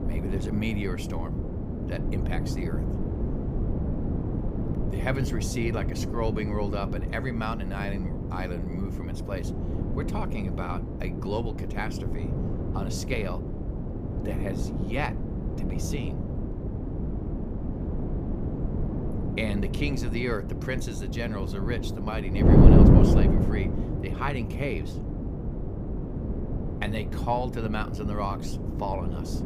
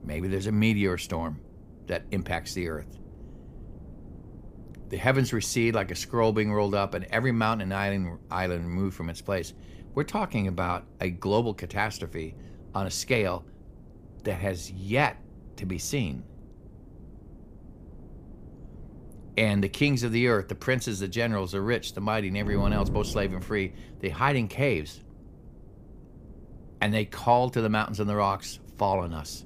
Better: second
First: wind noise on the microphone; heavy; 1 dB below the speech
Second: wind noise on the microphone; occasional gusts; 25 dB below the speech

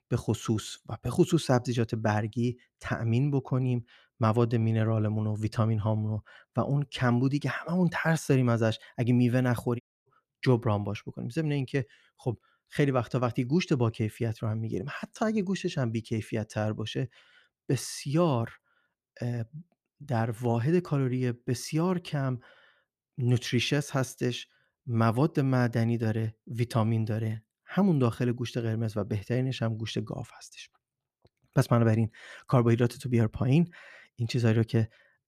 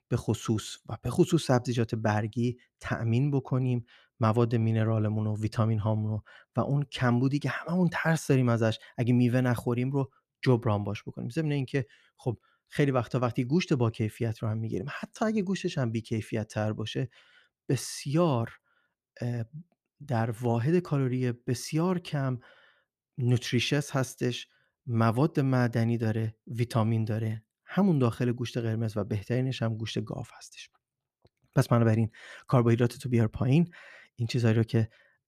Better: second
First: audio cutting out; at 10 s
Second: none

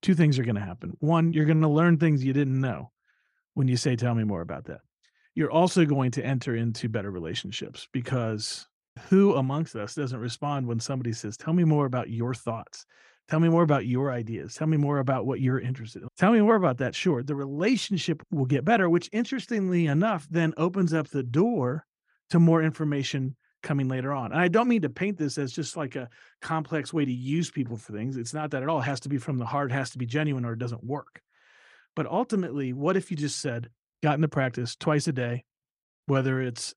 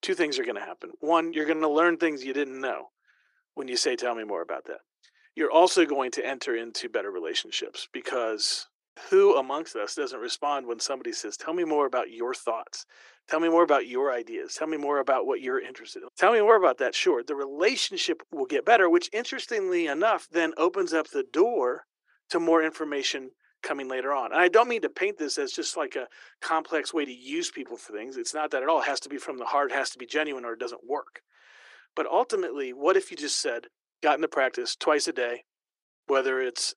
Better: first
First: none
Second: thin; very; fading below 350 Hz

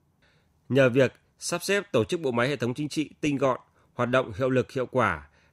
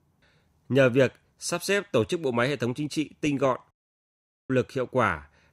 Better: first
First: none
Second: audio cutting out; at 3.5 s for 1 s

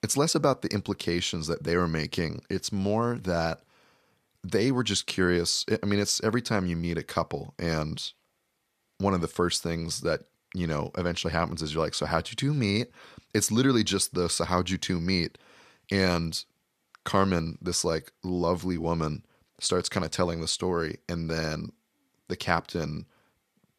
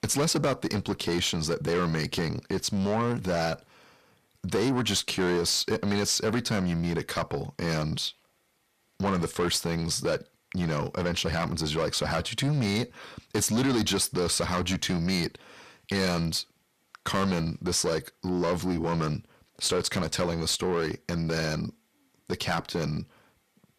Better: first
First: none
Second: distortion; heavy; 7 dB below the speech

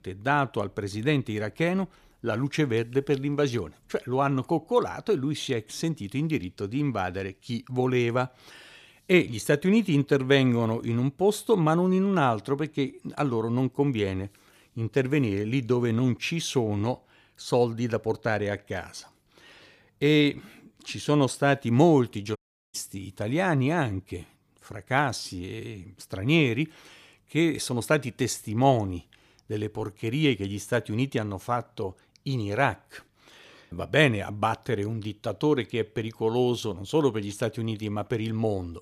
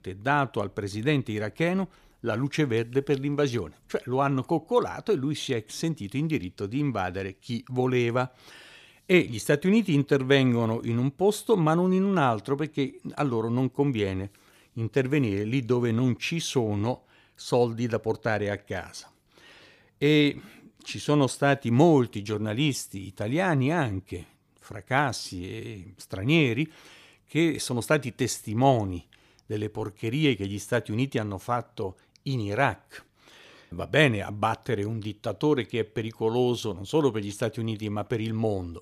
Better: second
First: audio cutting out; at 22 s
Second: none

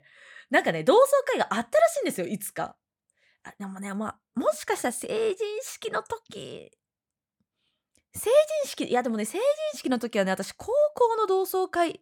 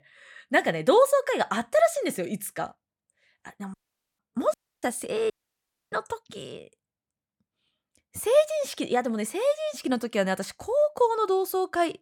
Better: first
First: none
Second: audio cutting out; at 3.5 s, at 4.5 s and at 5.5 s for 0.5 s

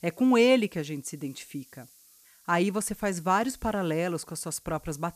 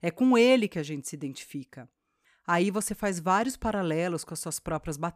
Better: second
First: hiss; faint; throughout; 25 dB below the speech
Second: none

